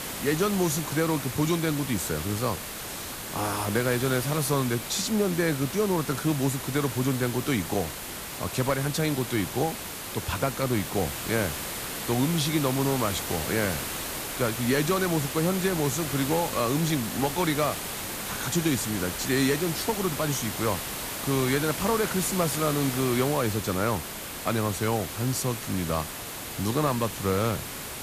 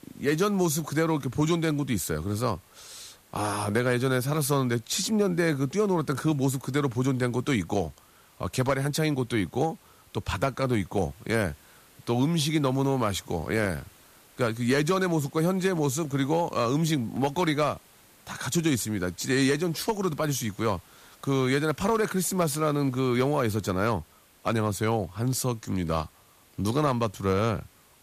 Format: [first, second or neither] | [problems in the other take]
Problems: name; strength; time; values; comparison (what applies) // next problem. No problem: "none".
second | hiss; loud; throughout; 5 dB below the speech; faint in the second